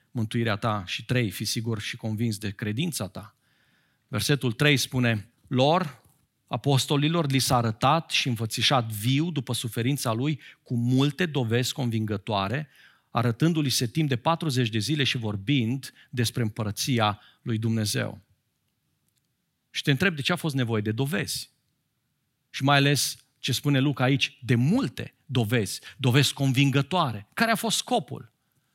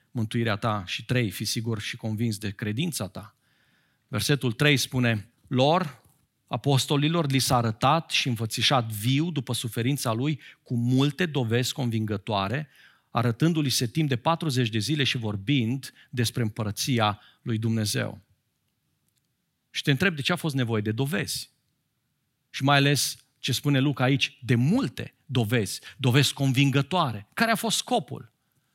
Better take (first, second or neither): neither